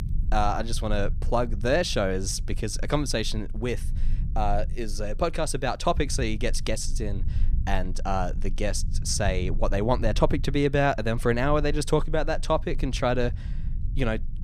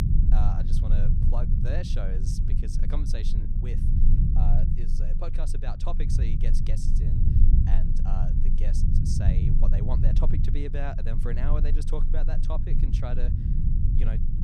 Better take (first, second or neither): first